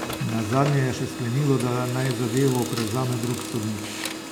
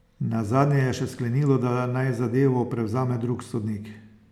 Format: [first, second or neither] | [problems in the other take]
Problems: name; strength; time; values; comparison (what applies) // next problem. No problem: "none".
second | background sound (Printer); 8 dB below the speech